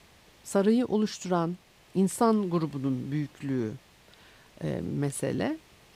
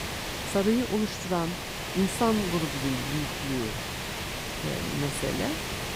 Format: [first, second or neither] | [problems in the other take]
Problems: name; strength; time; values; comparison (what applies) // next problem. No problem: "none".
first | hiss; loud; throughout; 2 dB below the speech; faint in the first